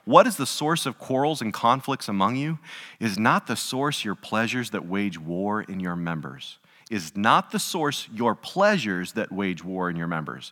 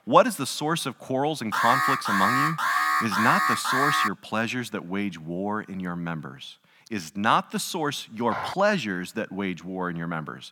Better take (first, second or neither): first